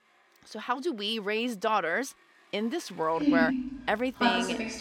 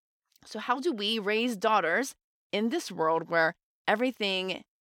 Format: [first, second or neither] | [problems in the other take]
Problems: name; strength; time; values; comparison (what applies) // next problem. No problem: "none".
second | traffic noise; very loud; throughout; 2 dB above the speech